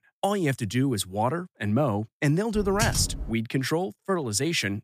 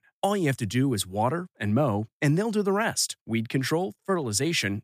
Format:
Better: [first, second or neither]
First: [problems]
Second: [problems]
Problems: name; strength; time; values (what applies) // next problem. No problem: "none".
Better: second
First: keyboard typing; noticeable; at 2.5 s; peak 1 dB below the speech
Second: none